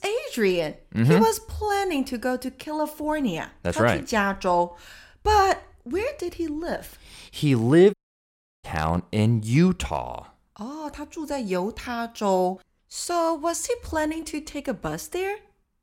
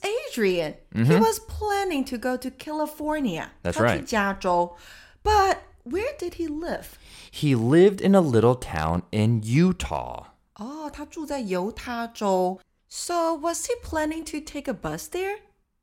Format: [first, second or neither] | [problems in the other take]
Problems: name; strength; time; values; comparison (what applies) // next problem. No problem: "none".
second | audio cutting out; at 8 s for 0.5 s